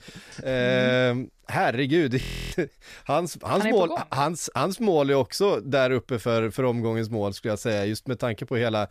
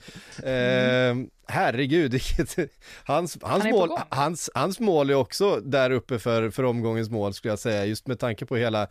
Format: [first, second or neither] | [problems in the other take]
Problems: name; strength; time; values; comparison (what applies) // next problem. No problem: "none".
second | audio freezing; at 2 s